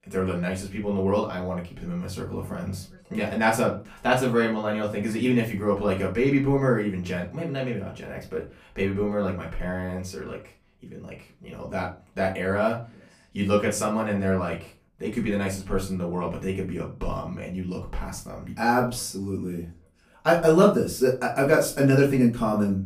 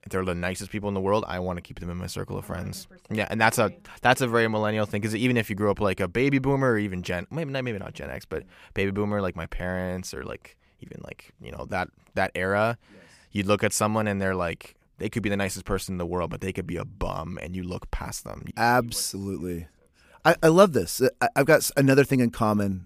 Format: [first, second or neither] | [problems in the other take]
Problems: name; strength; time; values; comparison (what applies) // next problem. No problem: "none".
second | off-mic speech; far // room echo; very slight; dies away in 0.3 s